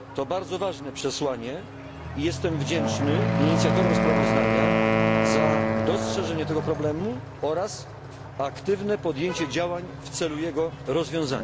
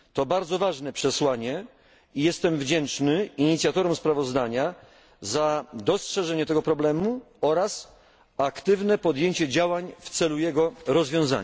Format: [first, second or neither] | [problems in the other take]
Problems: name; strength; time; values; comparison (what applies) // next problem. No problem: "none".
second | background sound (Wind instrument, woodwind instrument + Accelerating, revving, vroom / Truck); 2 dB above the speech